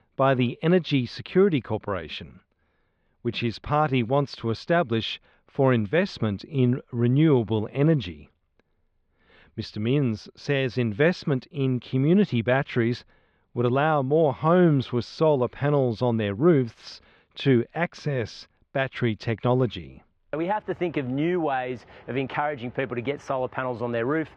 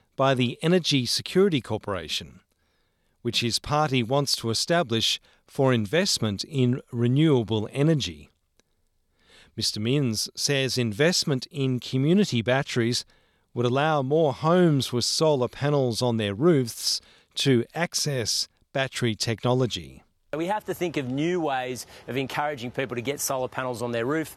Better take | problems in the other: second | muffled; very; fading above 2.5 kHz

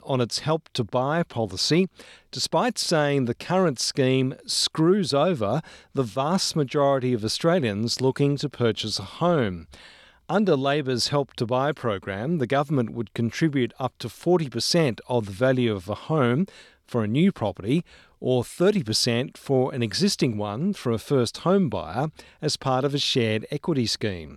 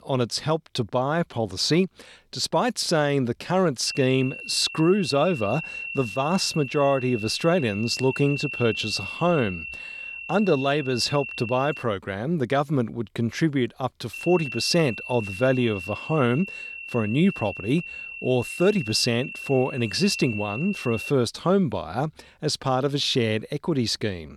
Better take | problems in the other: first | high-pitched whine; loud; from 4 to 12 s and from 14 to 21 s; 2.5 kHz, 9 dB below the speech

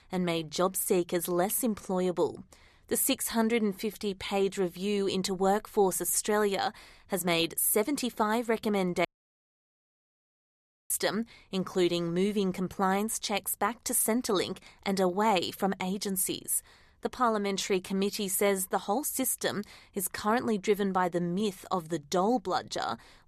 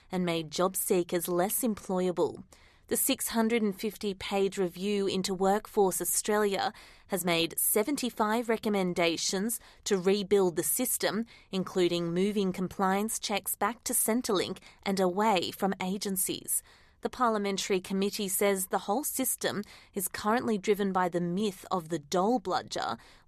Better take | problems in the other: second | audio cutting out; at 9 s for 2 s

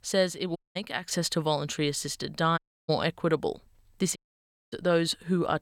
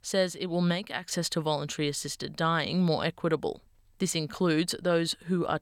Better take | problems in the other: second | audio cutting out; at 0.5 s, at 2.5 s and at 4 s for 0.5 s

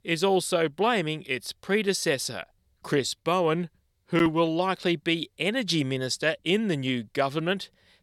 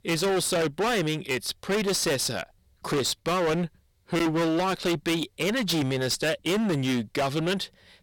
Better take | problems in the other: first | distortion; heavy; 26% of the sound clipped

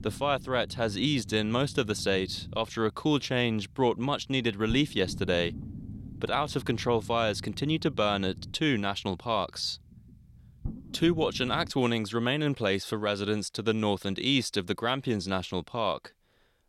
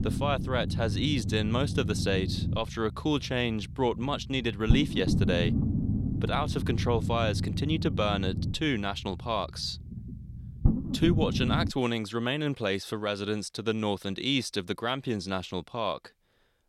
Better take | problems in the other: first | low rumble; loud; until 12 s; 9 dB below the speech; faint in the first

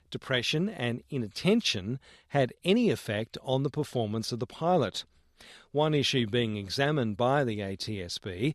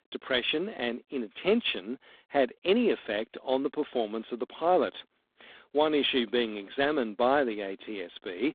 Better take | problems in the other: first | phone-call audio; poor line; nothing above 3.5 kHz

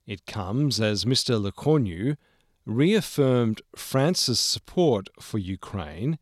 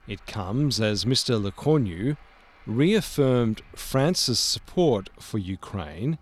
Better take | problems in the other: first | traffic noise; faint; throughout; 30 dB below the speech

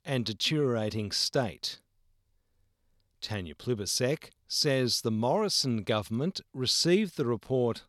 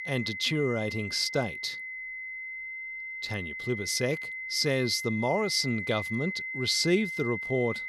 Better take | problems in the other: first | high-pitched whine; loud; throughout; 2 kHz, 6 dB below the speech

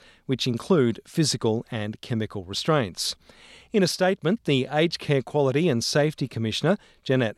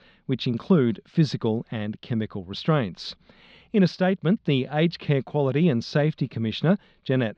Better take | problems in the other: first | muffled; very slightly; fading above 4 kHz

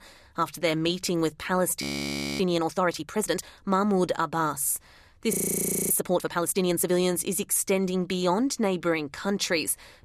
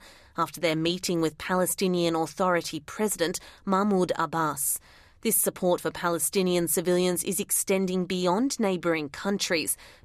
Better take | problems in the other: second | audio freezing; at 2 s for 0.5 s and at 5.5 s for 0.5 s

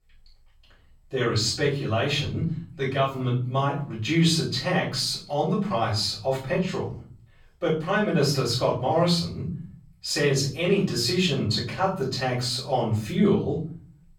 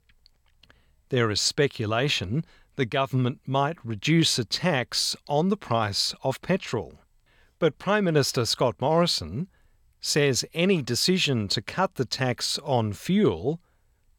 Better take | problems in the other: second | off-mic speech; far // room echo; slight; dies away in 0.5 s

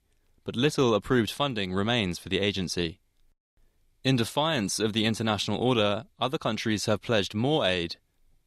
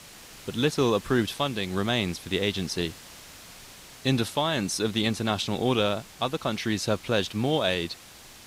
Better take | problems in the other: first | hiss; noticeable; throughout; 20 dB below the speech

